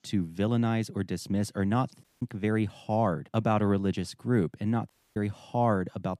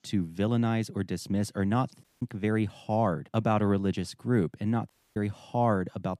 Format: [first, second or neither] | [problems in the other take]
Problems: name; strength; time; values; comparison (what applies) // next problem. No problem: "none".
neither | audio cutting out; at 2 s and at 5 s; the same in both